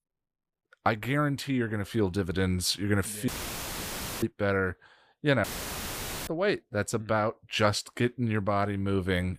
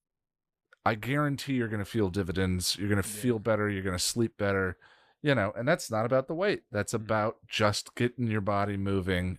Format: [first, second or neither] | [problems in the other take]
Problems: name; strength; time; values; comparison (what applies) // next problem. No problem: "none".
second | audio cutting out; filled with static; at 3.5 s for 1 s and at 5.5 s for 1 s